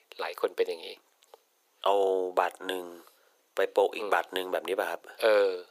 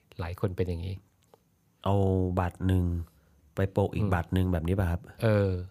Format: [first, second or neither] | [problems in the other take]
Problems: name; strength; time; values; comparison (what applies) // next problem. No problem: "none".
second | thin; very; fading below 400 Hz